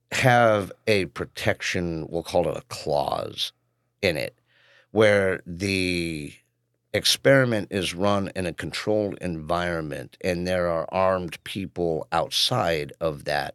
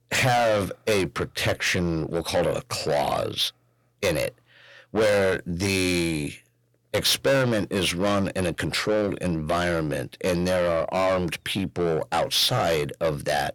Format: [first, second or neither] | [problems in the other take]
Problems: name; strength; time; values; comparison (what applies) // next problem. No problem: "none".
first | distortion; heavy; 6 dB below the speech